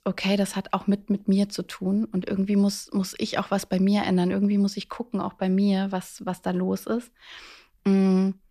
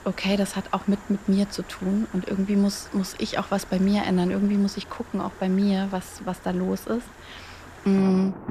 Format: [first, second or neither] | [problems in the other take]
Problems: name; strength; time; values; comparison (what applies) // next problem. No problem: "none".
first | rain or running water; noticeable; throughout; 15 dB below the speech